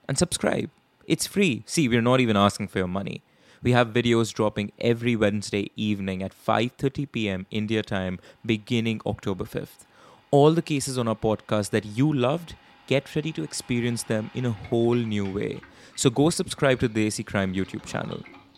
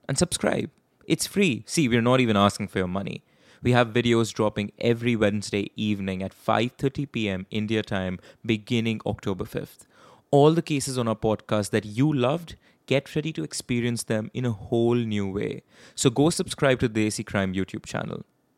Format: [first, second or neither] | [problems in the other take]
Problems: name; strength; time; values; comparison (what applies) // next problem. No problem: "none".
second | household noises; faint; throughout; 25 dB below the speech